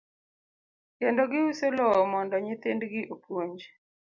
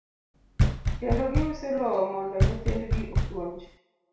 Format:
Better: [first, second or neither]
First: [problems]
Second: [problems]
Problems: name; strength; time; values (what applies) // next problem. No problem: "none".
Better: first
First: none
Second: background sound (Knock); 4 dB above the speech // room echo; dies away in 0.6 s